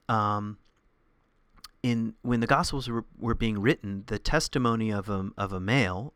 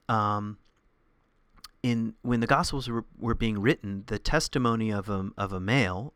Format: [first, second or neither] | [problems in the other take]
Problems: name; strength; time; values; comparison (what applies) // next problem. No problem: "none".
neither | none